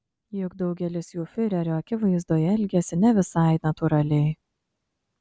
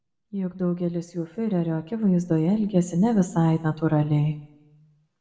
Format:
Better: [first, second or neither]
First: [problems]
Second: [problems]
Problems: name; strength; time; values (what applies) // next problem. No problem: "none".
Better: first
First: none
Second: room echo; dies away in 0.7 s